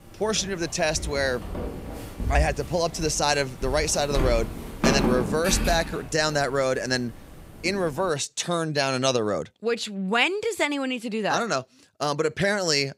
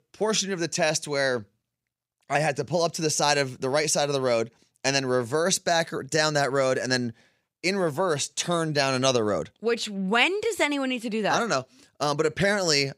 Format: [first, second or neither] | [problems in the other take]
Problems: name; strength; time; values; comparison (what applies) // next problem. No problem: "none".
second | footsteps; loud; until 8 s; peak 2 dB above the speech